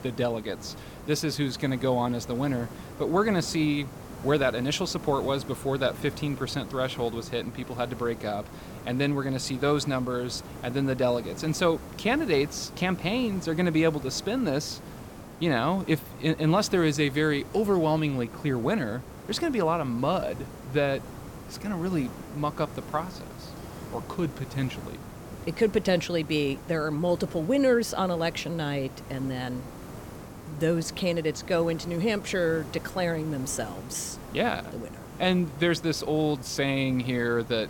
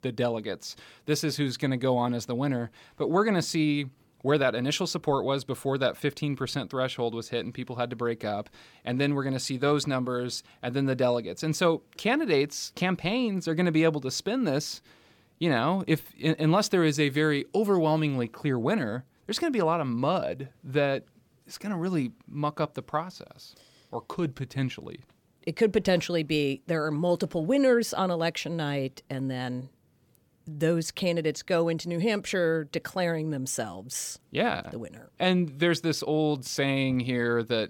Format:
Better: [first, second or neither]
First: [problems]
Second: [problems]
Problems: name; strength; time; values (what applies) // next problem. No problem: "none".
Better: second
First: hiss; noticeable; throughout; 15 dB below the speech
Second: none